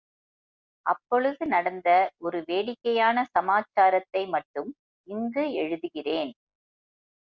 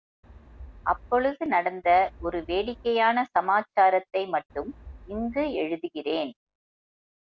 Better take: first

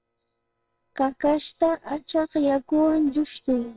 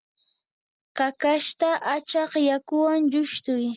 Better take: second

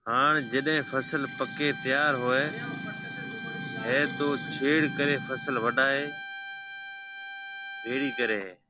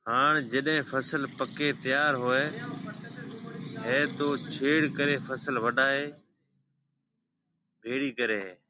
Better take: second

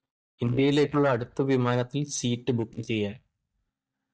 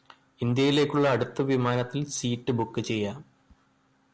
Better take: second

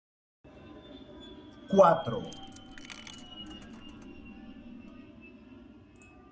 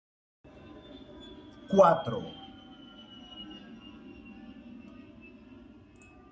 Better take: second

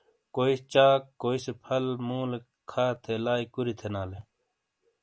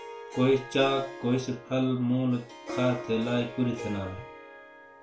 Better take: first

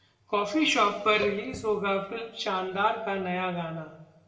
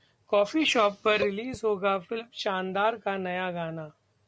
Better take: second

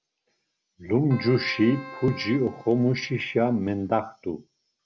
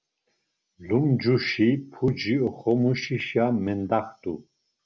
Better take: second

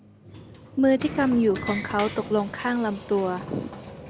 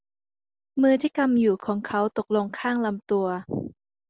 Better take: second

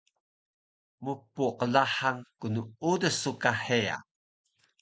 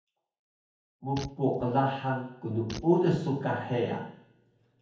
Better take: first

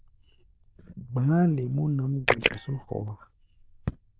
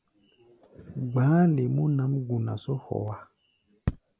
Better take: second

